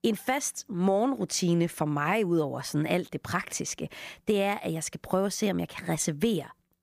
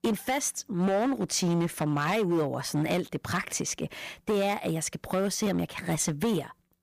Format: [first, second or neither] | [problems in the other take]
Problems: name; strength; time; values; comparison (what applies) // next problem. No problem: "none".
first | distortion; slight; 10% of the sound clipped